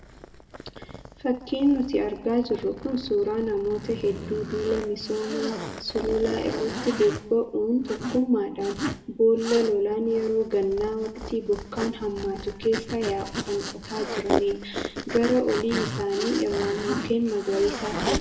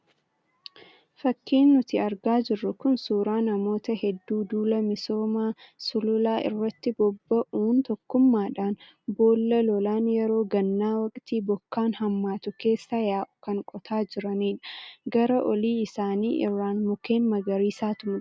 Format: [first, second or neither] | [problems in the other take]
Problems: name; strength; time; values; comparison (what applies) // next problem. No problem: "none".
second | background sound (Zipper (clothing)); 8 dB below the speech // room echo; dies away in 1.2 s